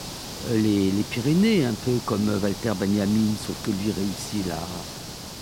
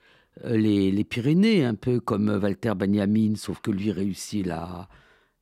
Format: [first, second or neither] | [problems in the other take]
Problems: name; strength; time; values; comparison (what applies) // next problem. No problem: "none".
second | hiss; noticeable; throughout; 10 dB below the speech